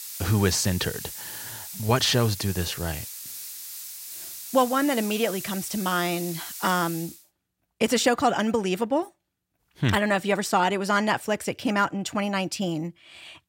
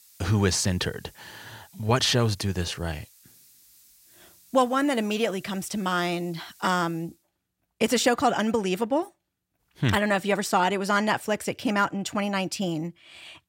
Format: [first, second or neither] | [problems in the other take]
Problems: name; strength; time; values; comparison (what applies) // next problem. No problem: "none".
second | hiss; loud; until 7 s; 10 dB below the speech; faint in the second